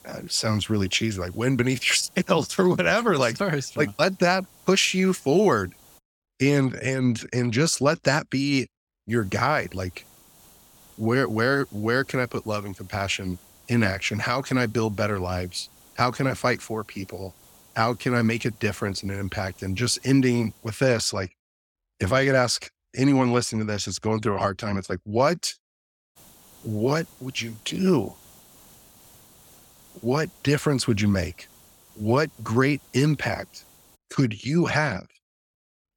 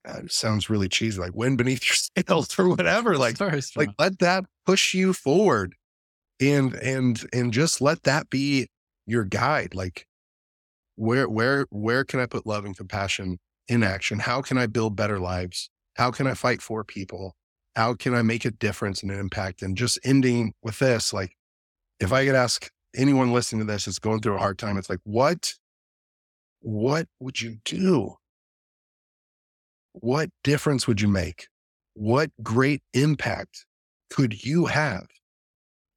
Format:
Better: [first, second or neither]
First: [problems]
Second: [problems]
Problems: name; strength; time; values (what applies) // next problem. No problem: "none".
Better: second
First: hiss; faint; until 6 s, from 9 to 21 s and from 26 to 34 s; 25 dB below the speech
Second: none